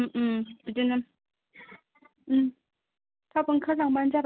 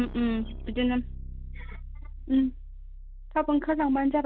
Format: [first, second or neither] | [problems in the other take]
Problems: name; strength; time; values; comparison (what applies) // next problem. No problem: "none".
first | background sound (Keyboard (musical)); 10 dB below the speech